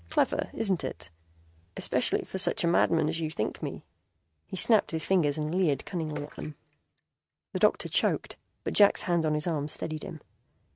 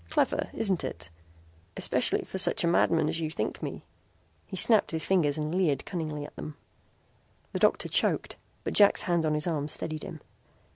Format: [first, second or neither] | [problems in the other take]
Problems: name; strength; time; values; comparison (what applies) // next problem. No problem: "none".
second | noise reduction (neural mask model RNNoise)